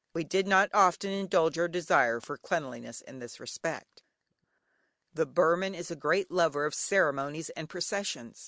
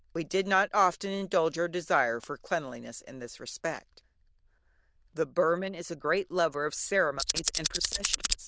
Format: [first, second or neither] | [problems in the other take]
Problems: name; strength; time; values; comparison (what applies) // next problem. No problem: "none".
first | noise reduction (neural diffusion model UNIVERSE++)